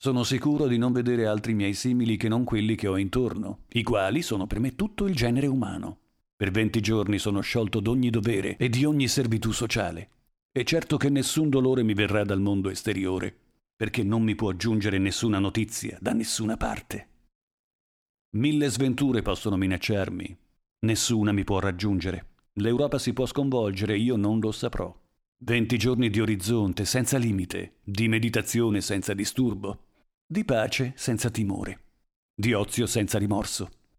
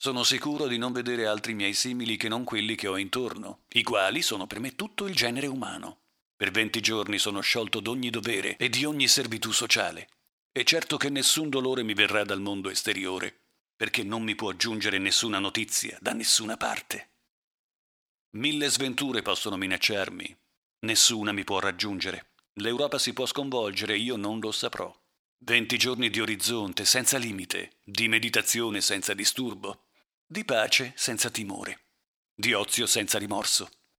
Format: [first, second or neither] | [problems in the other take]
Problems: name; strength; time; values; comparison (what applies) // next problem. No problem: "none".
first | thin; somewhat; fading below 1 kHz